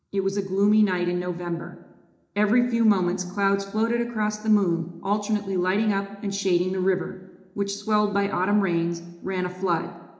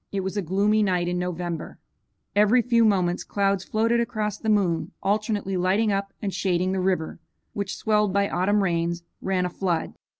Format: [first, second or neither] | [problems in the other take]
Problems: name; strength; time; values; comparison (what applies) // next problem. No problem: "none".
second | room echo; dies away in 0.8 s